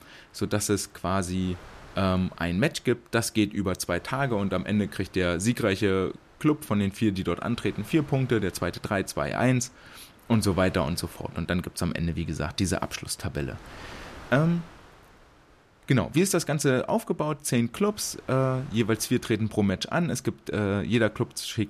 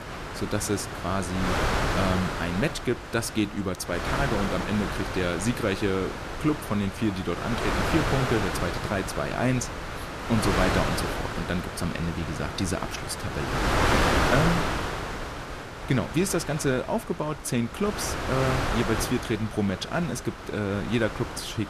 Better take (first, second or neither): first